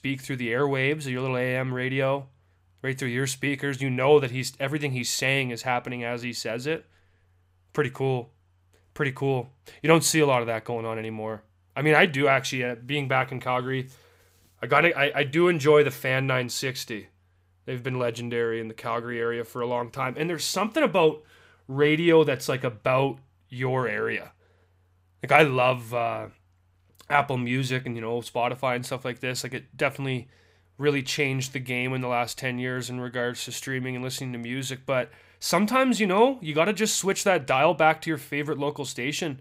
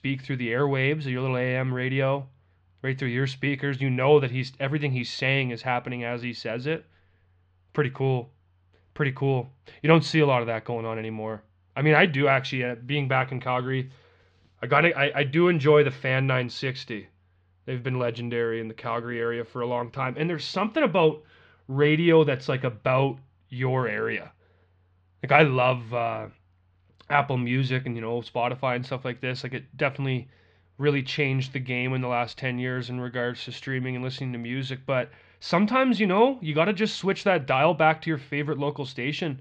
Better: first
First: none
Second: muffled; very slightly; fading above 4.5 kHz

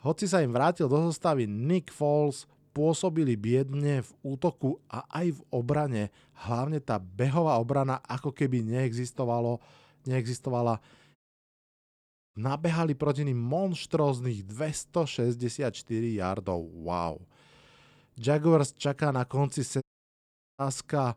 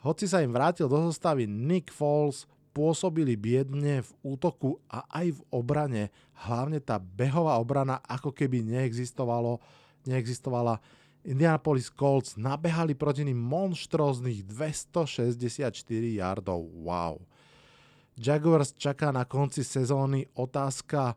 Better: second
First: audio cutting out; at 11 s for 1 s and at 20 s for 1 s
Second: none

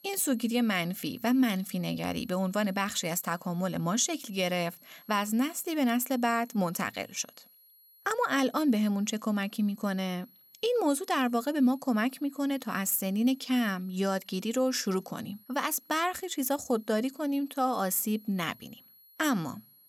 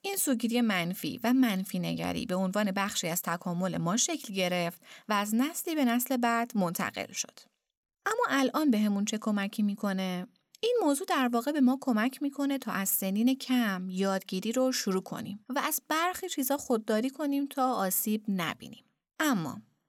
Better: second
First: high-pitched whine; faint; throughout; 11.5 kHz, 25 dB below the speech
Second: none

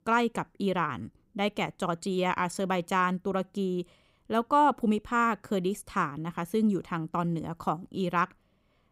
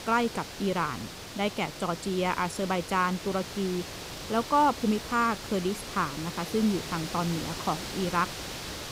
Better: first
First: none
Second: hiss; loud; throughout; 9 dB below the speech

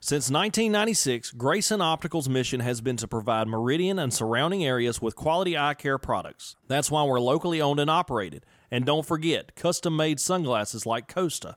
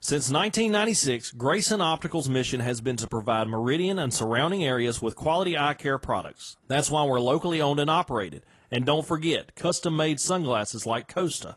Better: first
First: none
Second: garbled, watery; slightly

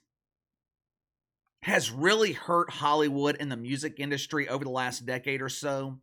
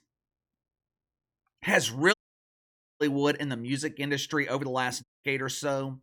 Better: first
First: none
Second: audio cutting out; at 2 s for 1 s and at 5 s

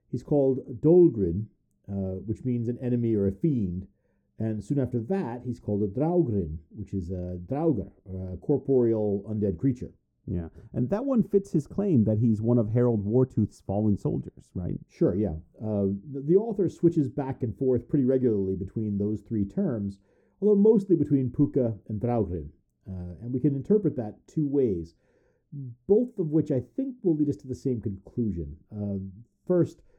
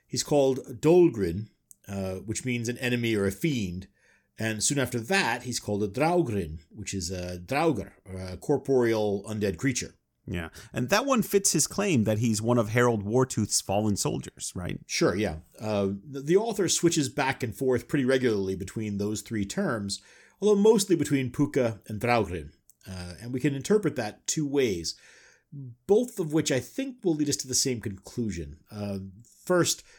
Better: second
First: muffled; very; fading above 1 kHz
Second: none

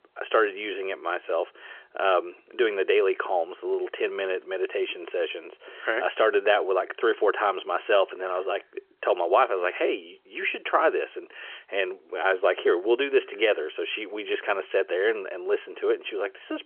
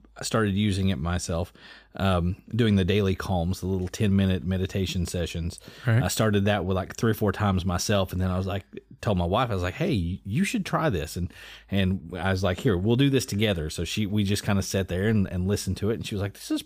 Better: second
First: phone-call audio; nothing above 3 kHz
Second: none

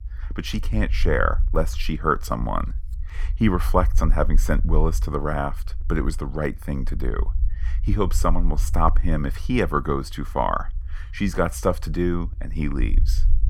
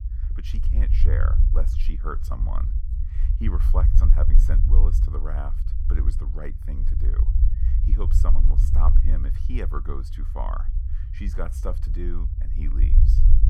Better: first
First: low rumble; faint; throughout; 25 dB below the speech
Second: low rumble; loud; throughout; 5 dB below the speech

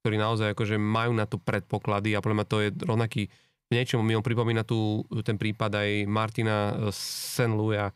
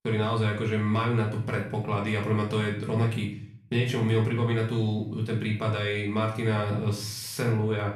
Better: first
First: none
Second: room echo; slight; dies away in 0.5 s // off-mic speech; far

